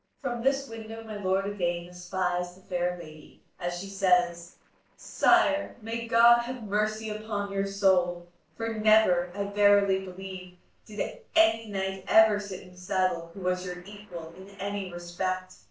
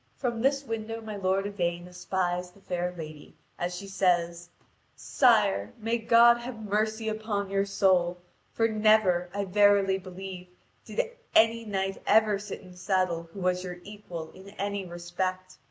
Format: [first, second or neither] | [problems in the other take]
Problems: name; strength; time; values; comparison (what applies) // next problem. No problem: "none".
second | noise reduction (neural separator model SepFormer DNS4)